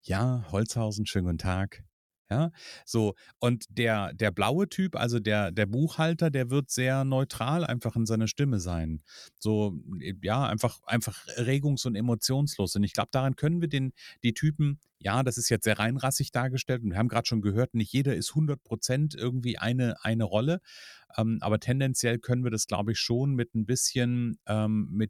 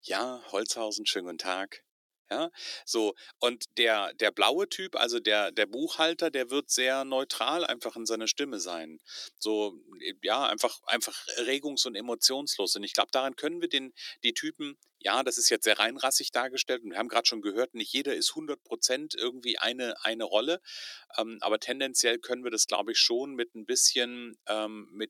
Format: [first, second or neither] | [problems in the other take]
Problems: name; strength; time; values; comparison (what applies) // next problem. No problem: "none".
first | thin; very; fading below 300 Hz